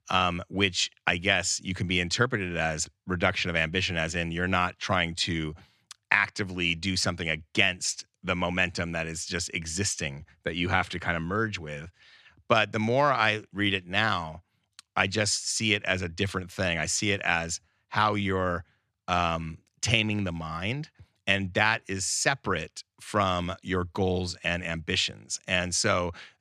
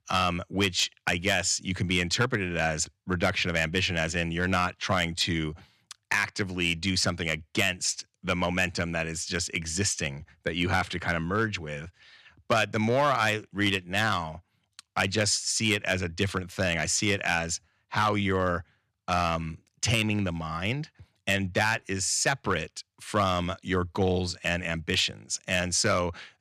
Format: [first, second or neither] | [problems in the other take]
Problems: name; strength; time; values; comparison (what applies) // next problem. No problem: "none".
first | distortion; slight; 1.6% of the sound clipped